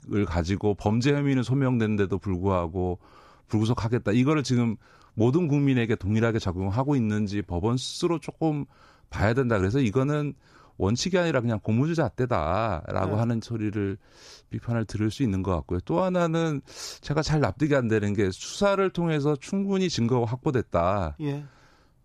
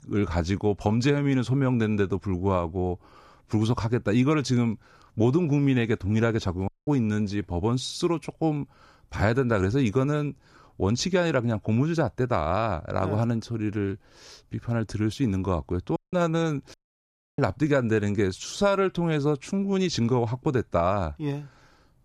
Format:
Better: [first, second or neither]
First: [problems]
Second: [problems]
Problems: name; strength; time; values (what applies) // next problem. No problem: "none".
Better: first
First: none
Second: audio cutting out; at 6.5 s, at 16 s and at 17 s for 0.5 s